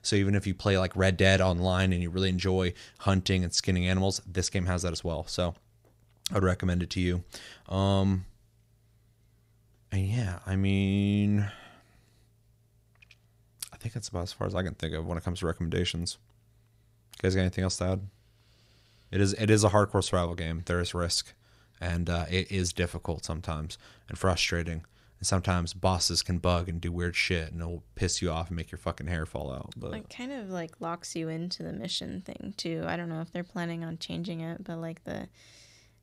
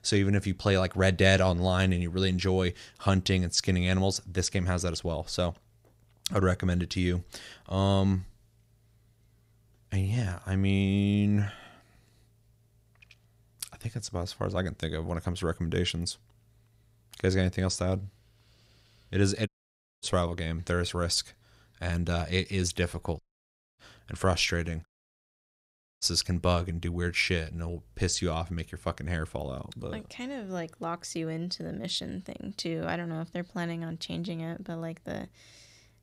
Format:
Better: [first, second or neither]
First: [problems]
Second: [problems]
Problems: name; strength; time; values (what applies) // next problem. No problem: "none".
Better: first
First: none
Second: audio cutting out; at 19 s for 0.5 s, at 23 s for 0.5 s and at 25 s for 1 s